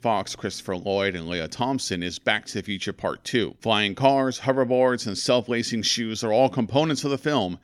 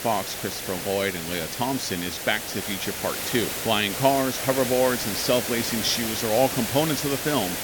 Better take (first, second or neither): first